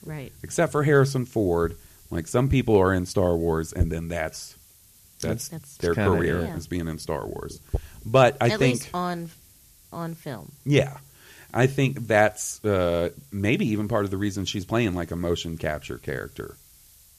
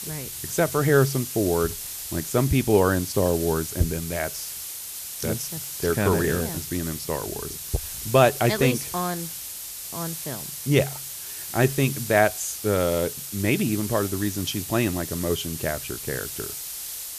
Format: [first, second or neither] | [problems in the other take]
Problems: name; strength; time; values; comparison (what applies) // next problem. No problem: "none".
first | hiss; loud; throughout; 7 dB below the speech; faint in the first